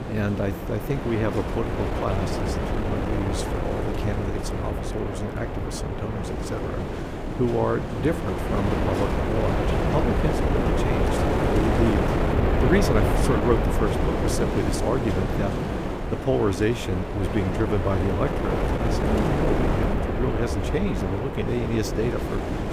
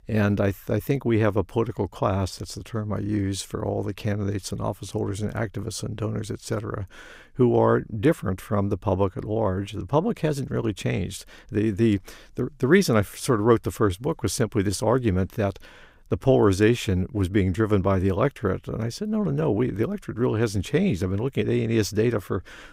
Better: second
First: wind noise on the microphone; heavy; 1 dB above the speech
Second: none

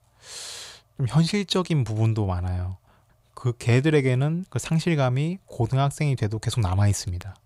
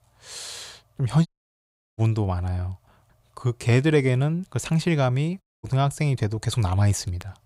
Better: first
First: none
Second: audio cutting out; at 1.5 s for 0.5 s and at 5.5 s

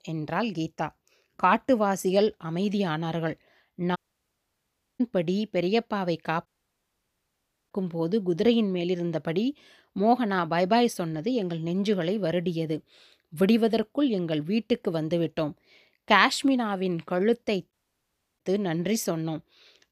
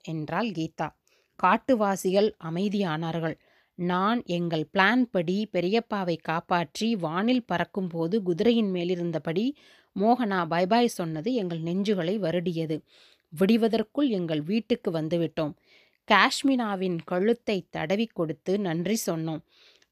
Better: second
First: audio cutting out; at 4 s for 1 s, at 6.5 s for 1.5 s and at 18 s for 0.5 s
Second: none

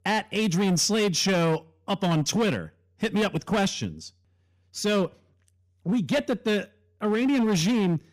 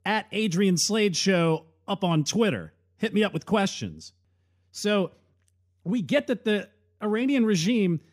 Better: second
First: distortion; slight; 14% of the sound clipped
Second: none

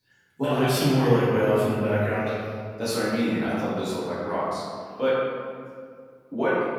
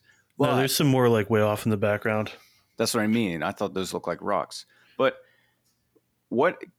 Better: second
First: off-mic speech; far // room echo; strong; dies away in 1.9 s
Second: none

